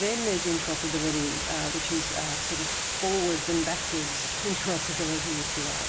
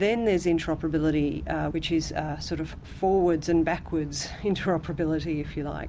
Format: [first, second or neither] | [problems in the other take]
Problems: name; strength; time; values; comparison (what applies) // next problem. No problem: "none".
second | background sound (Water); as loud as the speech